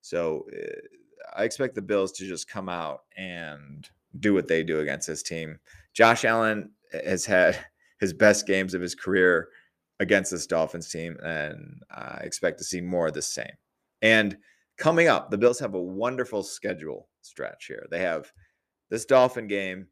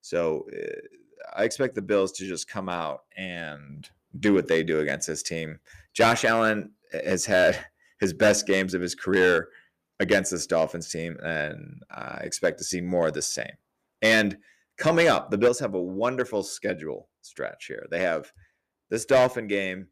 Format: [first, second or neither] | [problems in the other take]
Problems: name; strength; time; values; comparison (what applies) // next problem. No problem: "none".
first | distortion; slight; 1.8% of the sound clipped